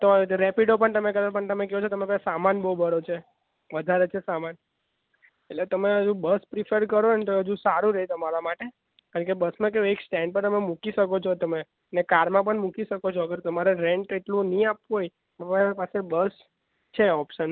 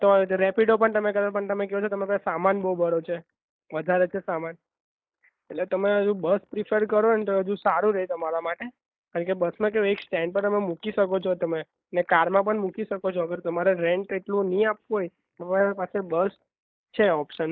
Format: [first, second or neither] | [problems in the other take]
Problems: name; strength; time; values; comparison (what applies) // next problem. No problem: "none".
first | noise reduction (neural mask model Resemble Enhance denoiser)